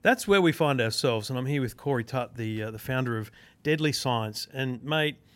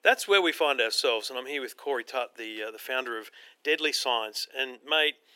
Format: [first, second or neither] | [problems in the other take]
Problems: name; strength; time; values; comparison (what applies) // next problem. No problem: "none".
first | thin; very; fading below 350 Hz